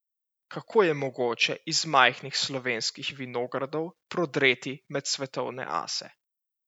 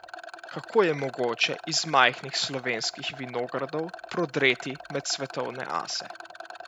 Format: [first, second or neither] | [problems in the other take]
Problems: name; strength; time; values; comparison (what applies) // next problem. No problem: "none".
first | background sound (Rattle); 14 dB below the speech